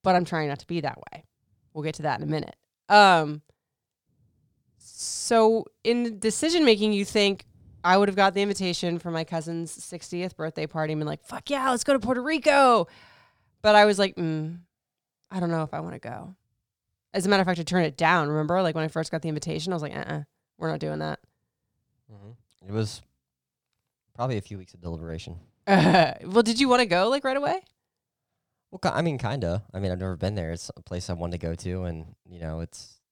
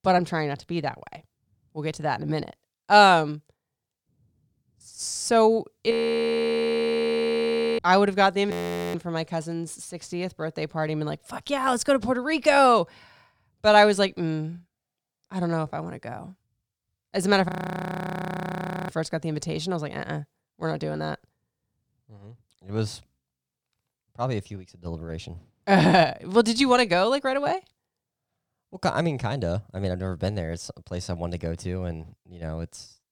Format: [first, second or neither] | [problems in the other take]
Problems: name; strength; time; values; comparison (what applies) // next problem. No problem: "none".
first | audio freezing; at 6 s for 2 s, at 8.5 s and at 17 s for 1.5 s